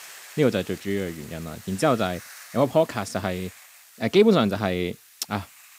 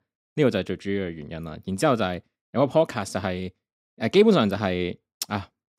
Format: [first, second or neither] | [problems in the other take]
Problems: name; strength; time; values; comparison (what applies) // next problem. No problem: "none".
second | hiss; noticeable; throughout; 20 dB below the speech